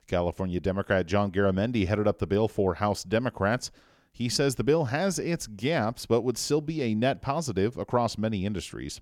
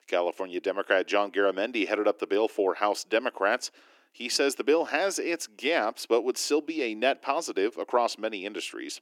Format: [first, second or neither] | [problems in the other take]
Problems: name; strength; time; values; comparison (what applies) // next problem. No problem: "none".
first | thin; somewhat; fading below 300 Hz